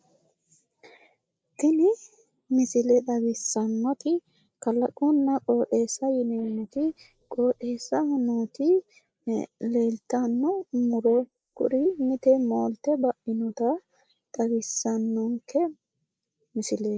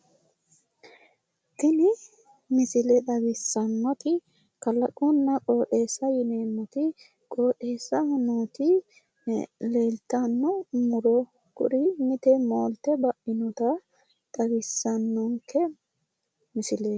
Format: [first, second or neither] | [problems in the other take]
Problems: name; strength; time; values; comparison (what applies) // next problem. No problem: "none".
second | noise reduction (neural mask model Resemble Enhance denoiser)